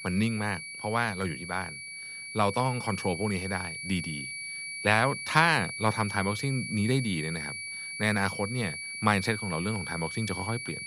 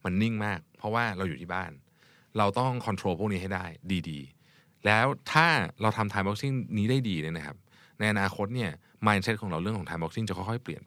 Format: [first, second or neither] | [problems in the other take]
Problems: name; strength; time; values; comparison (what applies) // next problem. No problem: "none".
second | high-pitched whine; loud; throughout; 2.5 kHz, 7 dB below the speech